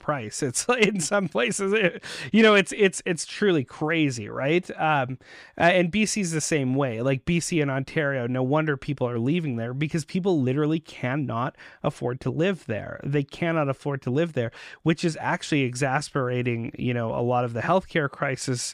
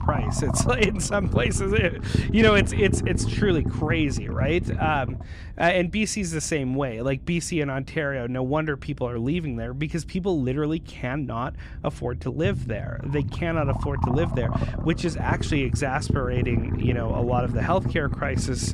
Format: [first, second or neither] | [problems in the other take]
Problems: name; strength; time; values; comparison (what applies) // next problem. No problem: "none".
first | low rumble; loud; throughout; 9 dB below the speech